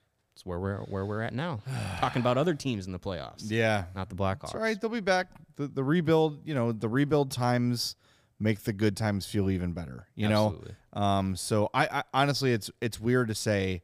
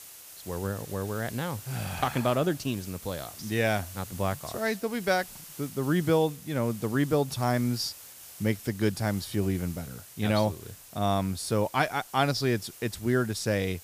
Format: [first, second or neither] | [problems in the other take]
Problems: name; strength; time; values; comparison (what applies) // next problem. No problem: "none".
first | hiss; noticeable; throughout; 15 dB below the speech